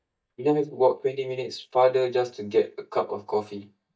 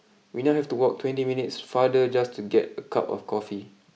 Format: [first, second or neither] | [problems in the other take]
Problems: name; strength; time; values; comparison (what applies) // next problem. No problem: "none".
second | noise reduction (neural mask model DeepFilterNet 3)